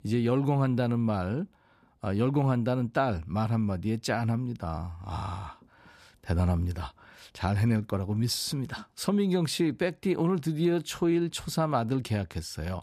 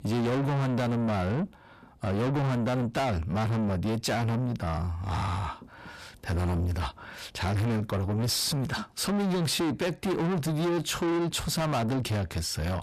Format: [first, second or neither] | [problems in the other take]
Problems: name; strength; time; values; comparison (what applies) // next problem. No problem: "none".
first | distortion; heavy; 6 dB below the speech